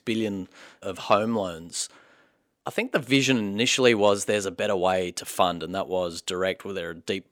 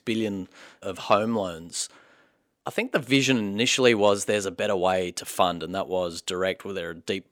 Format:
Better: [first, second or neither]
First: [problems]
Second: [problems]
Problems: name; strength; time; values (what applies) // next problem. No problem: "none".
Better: neither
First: none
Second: none